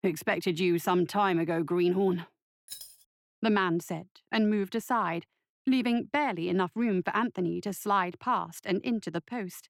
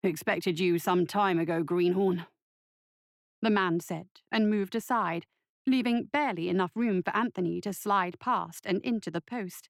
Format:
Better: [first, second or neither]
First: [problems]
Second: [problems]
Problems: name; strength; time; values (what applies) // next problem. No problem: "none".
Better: second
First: jangling keys; faint; at 2.5 s; peak 15 dB below the speech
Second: none